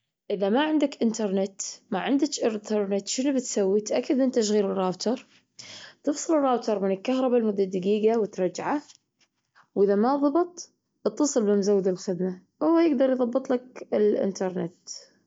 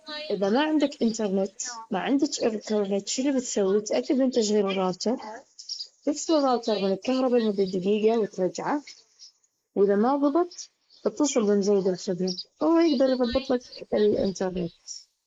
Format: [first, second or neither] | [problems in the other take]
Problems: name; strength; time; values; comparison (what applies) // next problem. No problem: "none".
first | noise reduction (neural mask model Resemble Enhance denoiser)